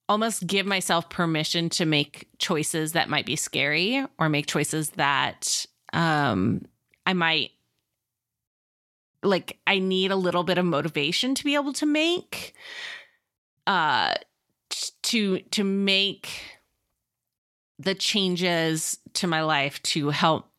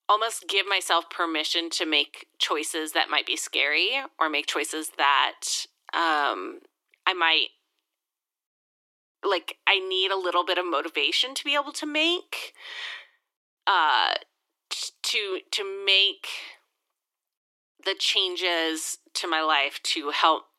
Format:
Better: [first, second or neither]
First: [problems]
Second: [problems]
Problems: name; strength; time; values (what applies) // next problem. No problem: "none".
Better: first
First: none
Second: thin; very; fading below 300 Hz